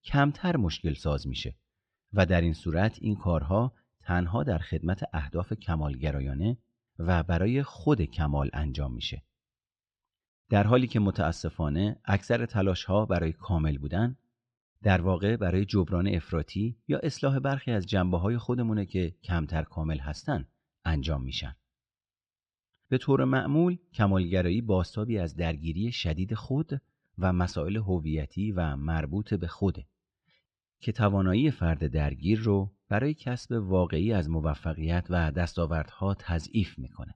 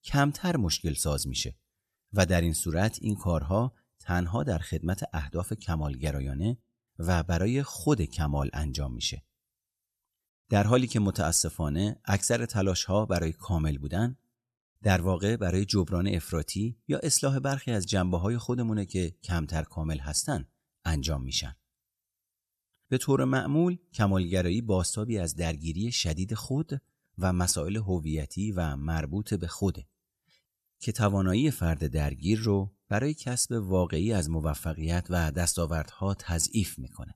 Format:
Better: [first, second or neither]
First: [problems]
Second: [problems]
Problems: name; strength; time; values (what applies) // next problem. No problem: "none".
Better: second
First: muffled; slightly; fading above 3.5 kHz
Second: none